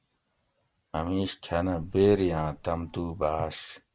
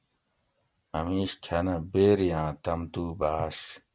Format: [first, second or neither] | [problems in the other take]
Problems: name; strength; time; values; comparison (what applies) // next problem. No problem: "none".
second | background sound (Bird); 18 dB below the speech